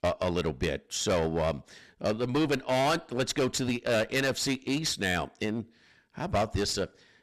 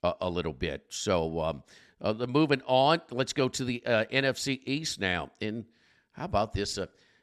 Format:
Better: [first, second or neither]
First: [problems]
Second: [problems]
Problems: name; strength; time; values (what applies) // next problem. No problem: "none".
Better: second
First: distortion; heavy; 12% of the sound clipped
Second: none